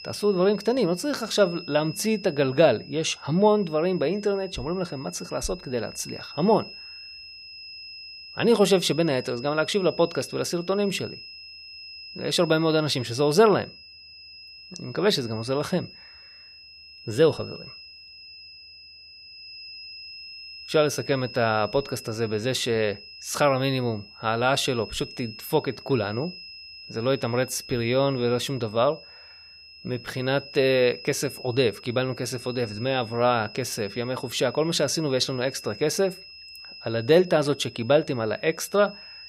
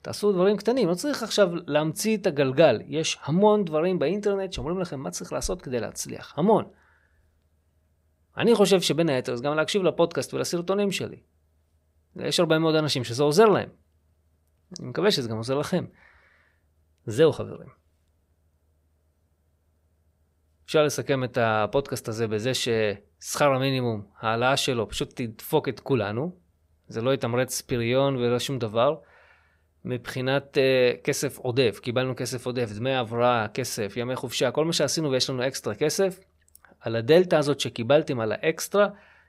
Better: second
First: high-pitched whine; noticeable; throughout; 5 kHz, 15 dB below the speech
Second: none

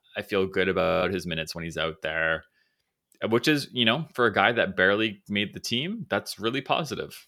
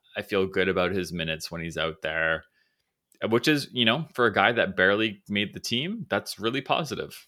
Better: second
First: audio freezing; at 1 s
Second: none

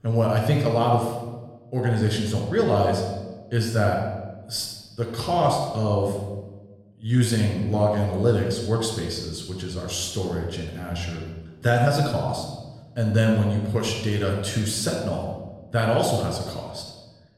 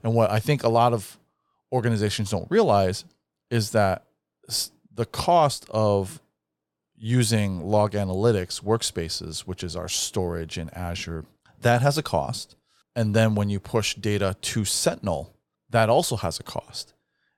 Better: second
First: off-mic speech; somewhat distant // room echo; noticeable; dies away in 1 s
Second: none

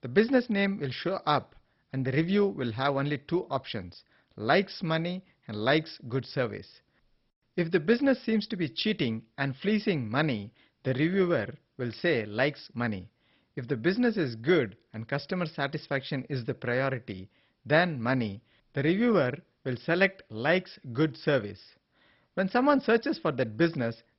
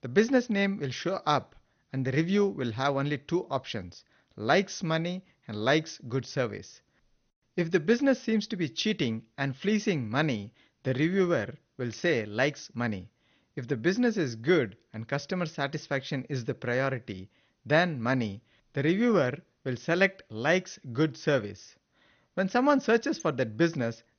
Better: second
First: garbled, watery; badly; nothing above 5.5 kHz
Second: garbled, watery; slightly; nothing above 6.5 kHz

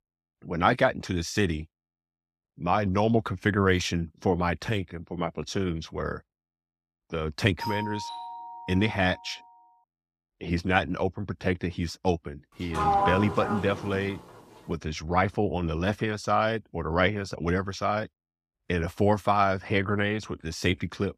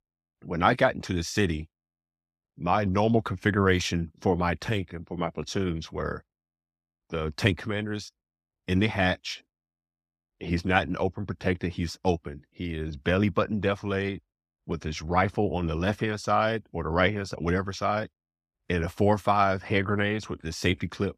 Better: second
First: doorbell; noticeable; from 7.5 to 9.5 s; peak 6 dB below the speech // door banging; loud; from 13 to 14 s; peak 4 dB above the speech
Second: none

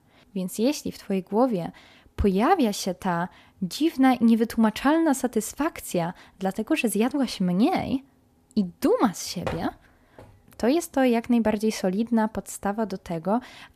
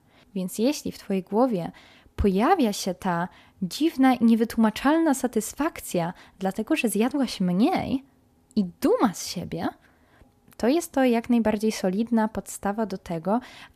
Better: second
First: door banging; faint; at 9.5 s; peak 10 dB below the speech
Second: none

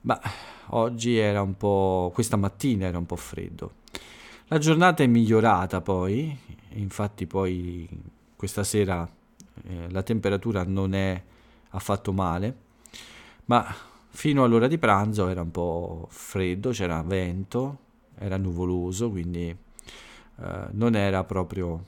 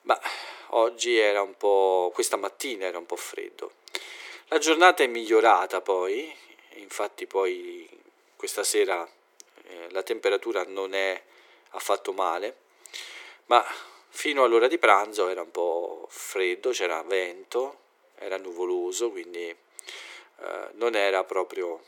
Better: first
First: none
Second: thin; very; fading below 350 Hz

